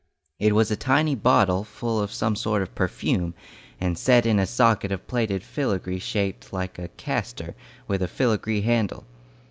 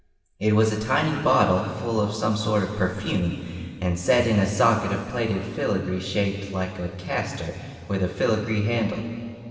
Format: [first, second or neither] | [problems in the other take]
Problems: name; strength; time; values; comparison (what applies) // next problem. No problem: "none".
first | room echo; dies away in 2.4 s